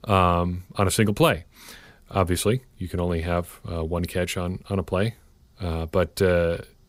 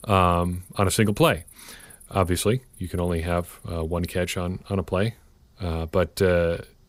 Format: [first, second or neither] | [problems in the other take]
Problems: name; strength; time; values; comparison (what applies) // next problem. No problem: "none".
first | animal sounds; faint; throughout; 25 dB below the speech